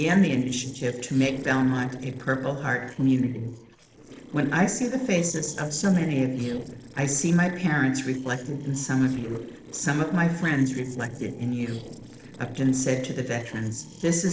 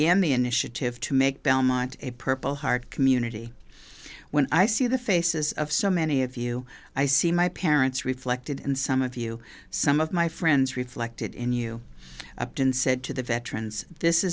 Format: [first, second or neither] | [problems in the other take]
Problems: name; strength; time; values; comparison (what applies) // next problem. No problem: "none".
second | noise reduction (neural separator model SepFormer DNS4)